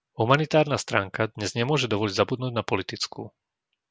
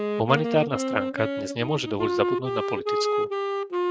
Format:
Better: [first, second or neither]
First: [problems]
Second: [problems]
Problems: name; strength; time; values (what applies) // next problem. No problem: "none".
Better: first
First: none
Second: noise reduction (neural mask model RNNoise)